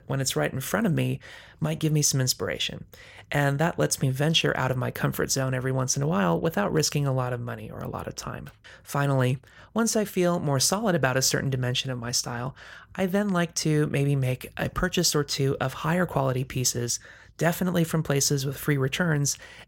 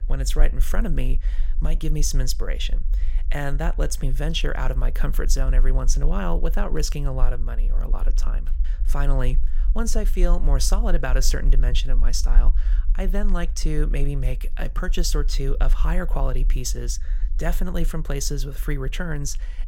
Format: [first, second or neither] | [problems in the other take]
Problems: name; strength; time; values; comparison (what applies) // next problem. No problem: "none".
first | low rumble; faint; throughout; 20 dB below the speech